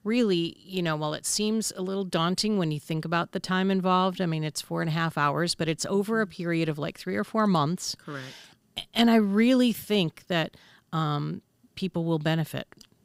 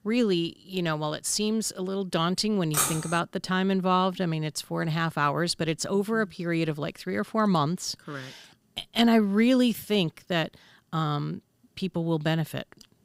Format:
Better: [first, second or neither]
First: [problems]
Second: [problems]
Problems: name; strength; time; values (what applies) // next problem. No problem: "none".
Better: first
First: none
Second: clattering dishes; loud; at 2.5 s; peak 1 dB above the speech